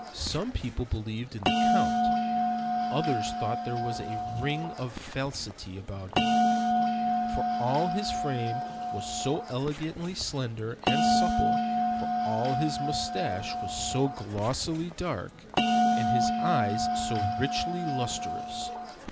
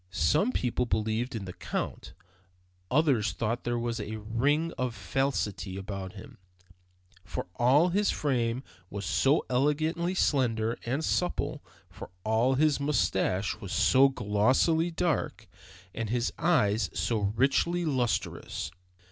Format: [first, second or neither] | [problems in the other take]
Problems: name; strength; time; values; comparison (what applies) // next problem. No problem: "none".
second | background sound (Bell); 4 dB above the speech